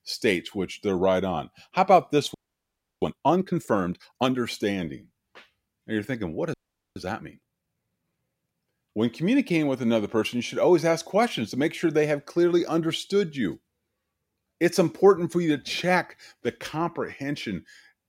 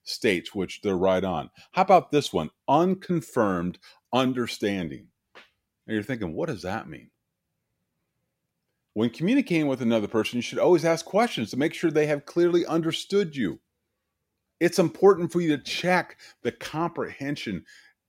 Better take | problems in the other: second | audio freezing; at 2.5 s for 0.5 s and at 6.5 s

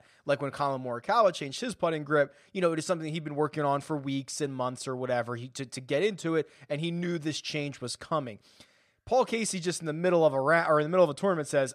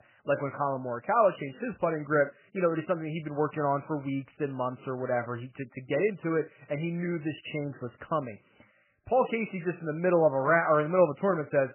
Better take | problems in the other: first | garbled, watery; badly; nothing above 3 kHz

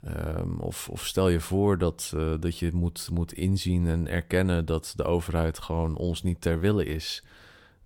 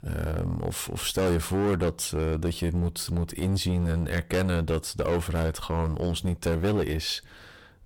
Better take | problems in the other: first | distortion; heavy; 13% of the sound clipped

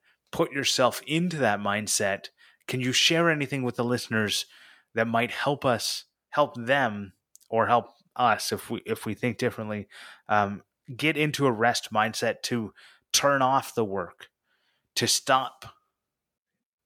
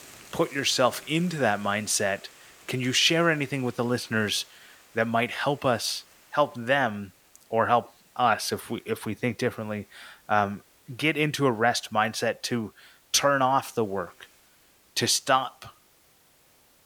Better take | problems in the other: first | hiss; faint; throughout; 25 dB below the speech

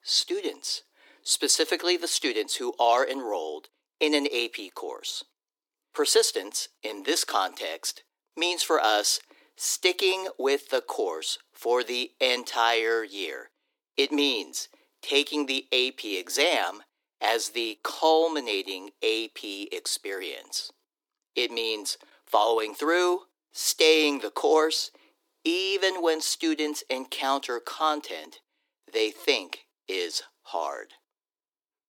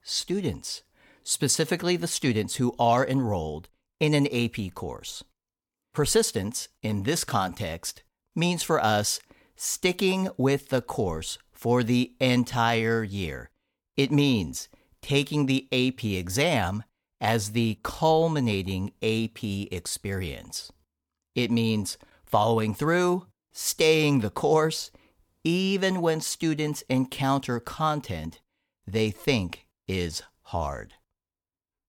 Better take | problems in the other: second | thin; somewhat; fading below 300 Hz

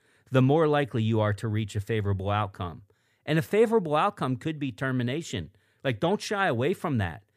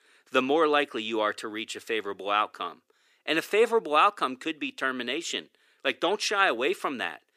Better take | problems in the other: first | thin; somewhat; fading below 300 Hz

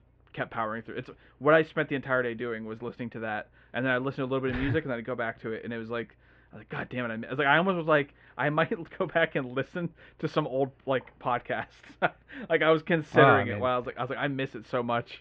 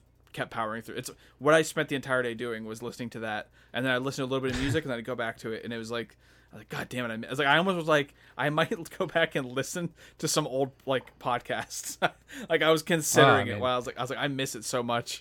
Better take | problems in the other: second | muffled; very; fading above 3 kHz

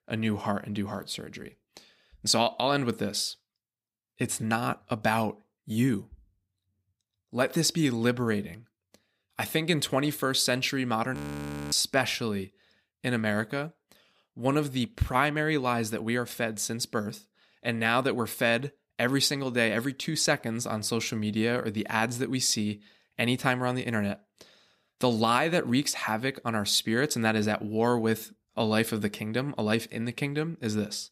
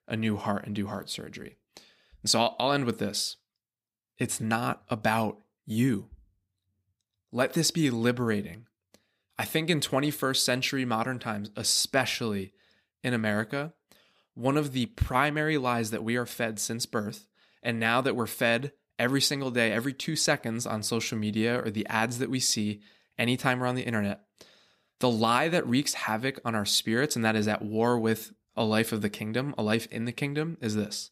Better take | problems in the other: second | audio freezing; at 11 s for 0.5 s

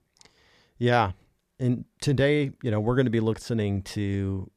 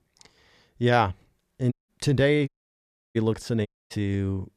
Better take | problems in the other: first | audio cutting out; at 1.5 s, at 2.5 s for 0.5 s and at 3.5 s

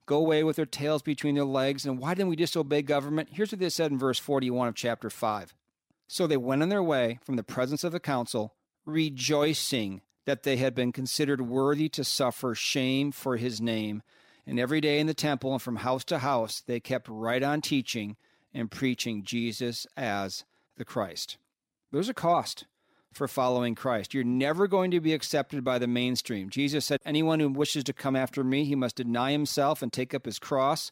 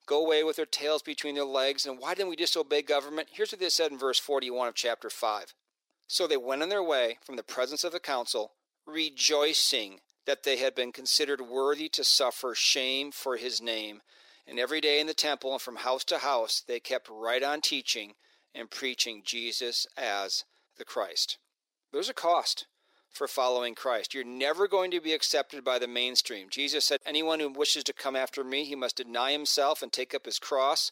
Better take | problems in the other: first | thin; somewhat; fading below 400 Hz

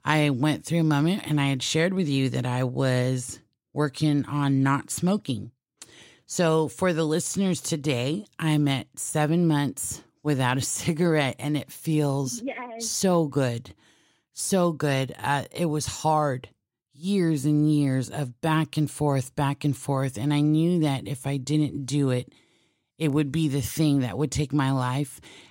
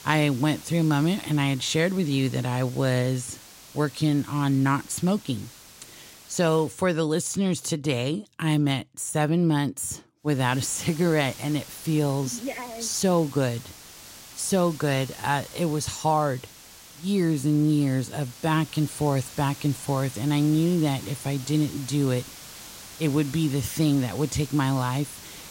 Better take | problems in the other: first | hiss; noticeable; until 7 s and from 10 s on; 15 dB below the speech

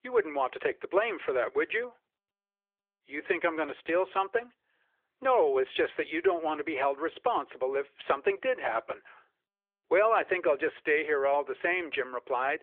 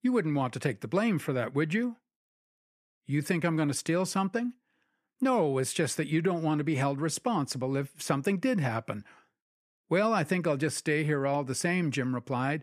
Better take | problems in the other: second | phone-call audio; nothing above 3.5 kHz

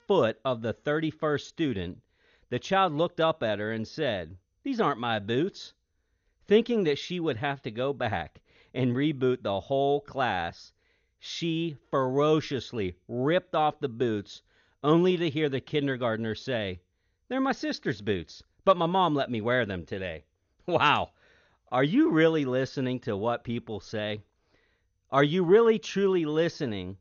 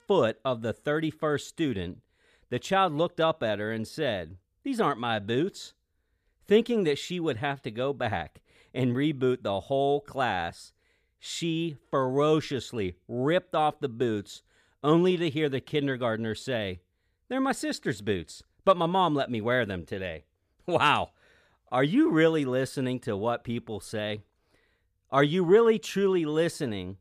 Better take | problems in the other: second | garbled, watery; slightly; nothing above 6.5 kHz

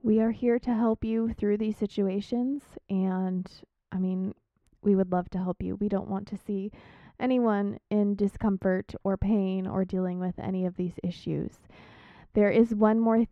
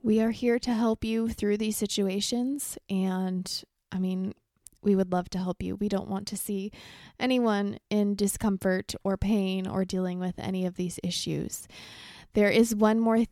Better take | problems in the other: second | muffled; very; fading above 3.5 kHz

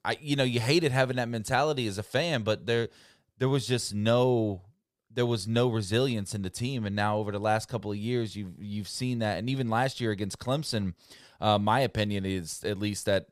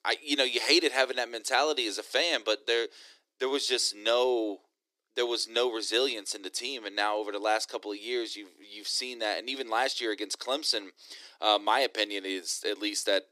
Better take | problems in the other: first | thin; very; fading below 300 Hz

